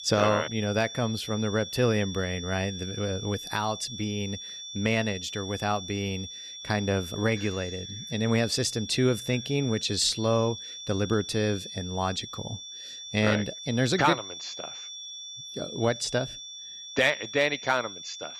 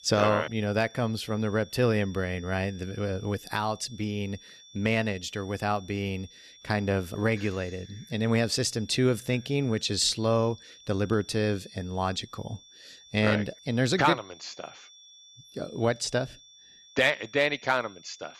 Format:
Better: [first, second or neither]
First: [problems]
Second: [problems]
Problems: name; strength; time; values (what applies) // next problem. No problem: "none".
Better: second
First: high-pitched whine; loud; throughout; 3.5 kHz, 10 dB below the speech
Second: high-pitched whine; faint; throughout; 3.5 kHz, 20 dB below the speech